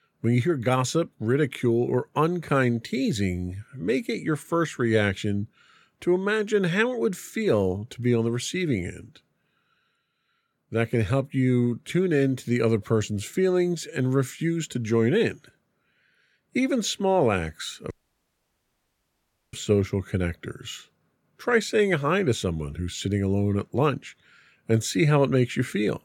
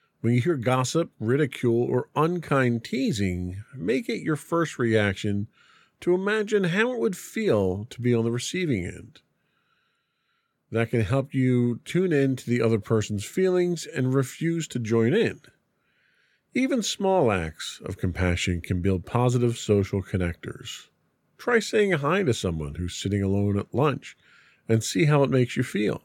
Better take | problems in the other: second | audio cutting out; at 18 s for 1.5 s

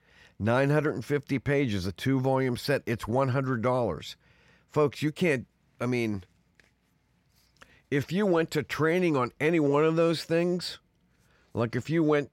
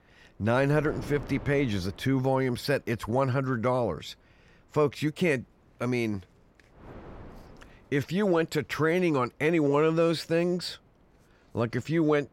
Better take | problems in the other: first | wind noise on the microphone; occasional gusts; 20 dB below the speech

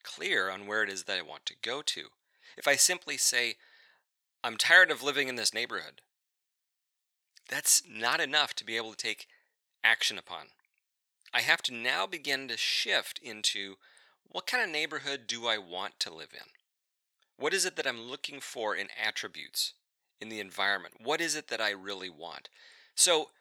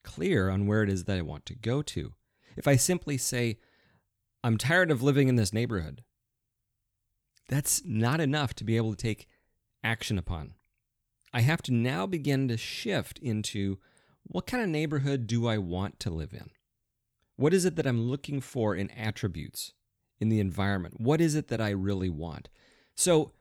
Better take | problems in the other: second | thin; very; fading below 750 Hz

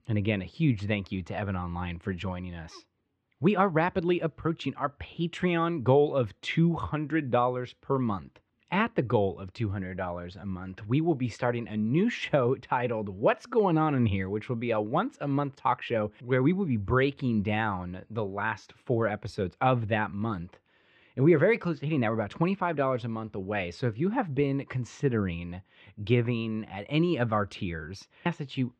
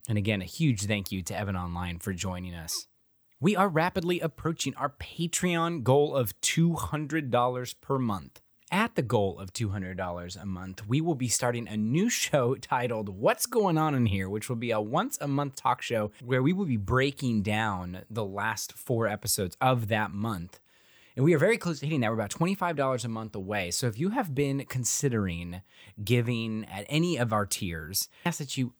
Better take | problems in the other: second | muffled; very; fading above 3 kHz

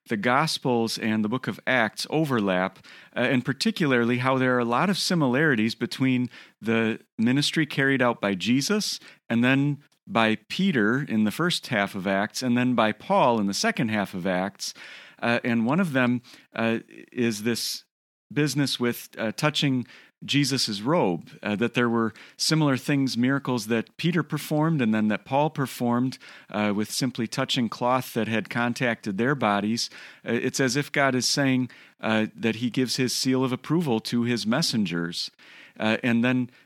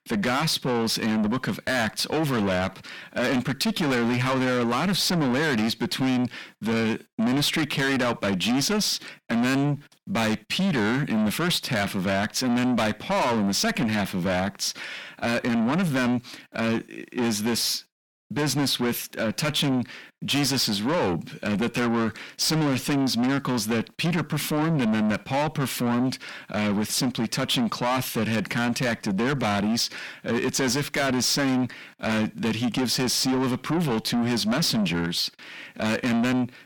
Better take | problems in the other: first | distortion; heavy; 5 dB below the speech

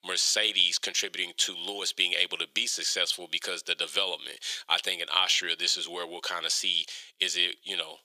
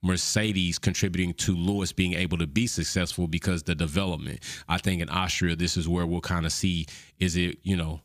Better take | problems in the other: second | thin; very; fading below 450 Hz

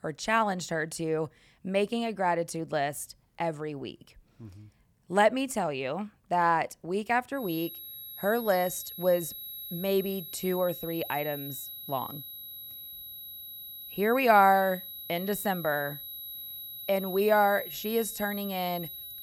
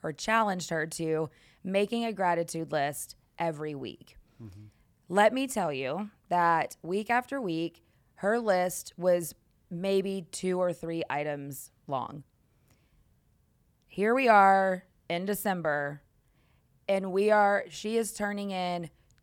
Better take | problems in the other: second | high-pitched whine; noticeable; from 7.5 s on; 11.5 kHz, 10 dB below the speech

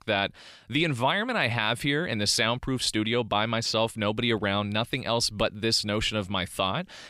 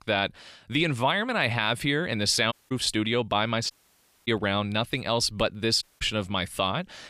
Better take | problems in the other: first | audio cutting out; at 2.5 s, at 3.5 s for 0.5 s and at 6 s

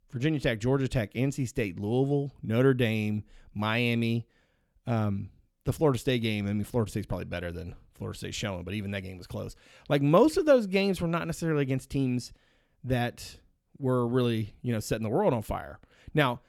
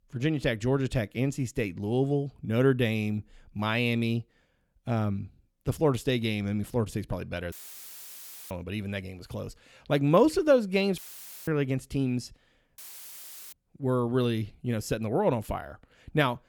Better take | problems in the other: first | audio cutting out; filled with static; at 7.5 s for 1 s, at 11 s and at 13 s for 1 s

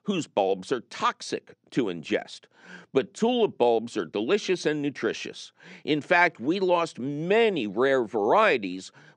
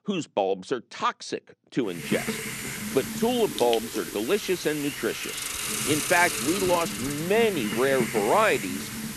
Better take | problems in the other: first | hiss; loud; from 2 s on; 4 dB below the speech

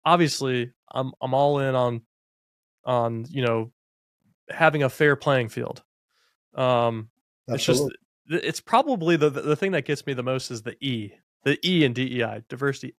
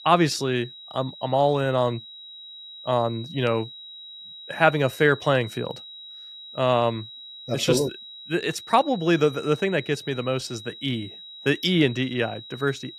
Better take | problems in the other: first | high-pitched whine; noticeable; throughout; 4 kHz, 15 dB below the speech

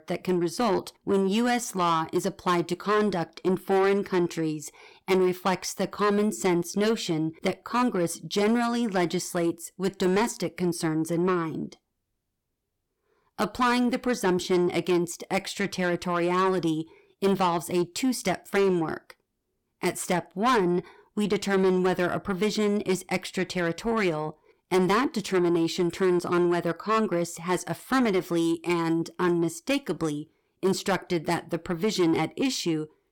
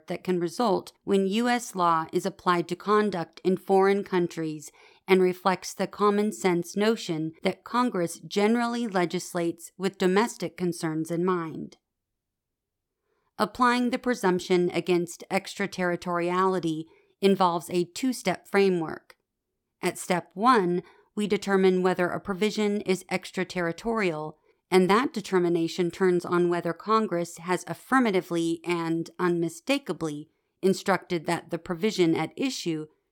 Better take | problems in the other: second | distortion; slight; 10 dB below the speech

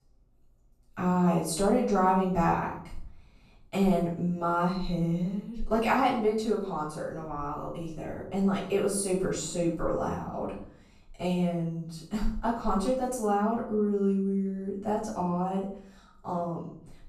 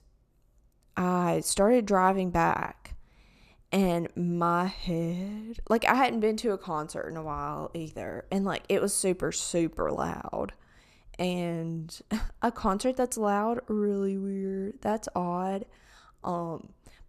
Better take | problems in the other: second | room echo; noticeable; dies away in 0.5 s // off-mic speech; far

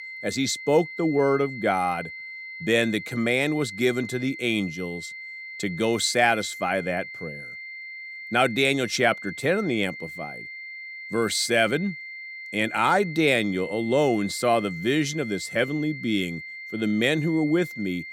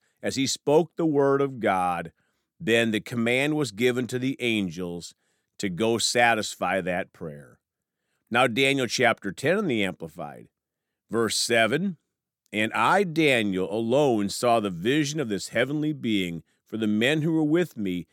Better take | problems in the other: second | high-pitched whine; noticeable; throughout; 2 kHz, 10 dB below the speech

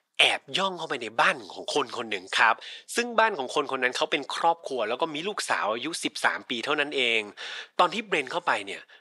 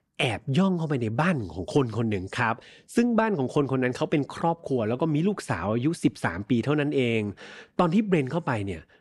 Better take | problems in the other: second | thin; very; fading below 750 Hz

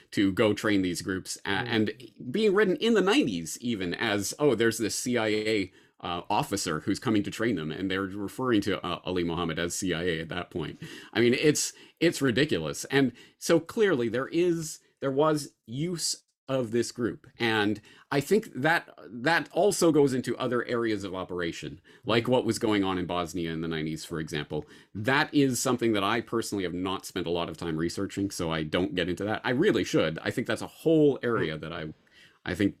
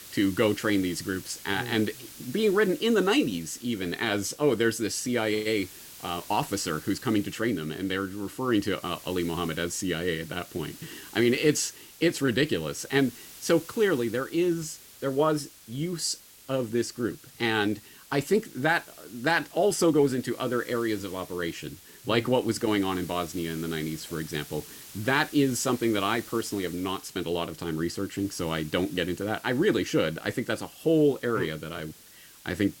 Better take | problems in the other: first | hiss; noticeable; throughout; 20 dB below the speech

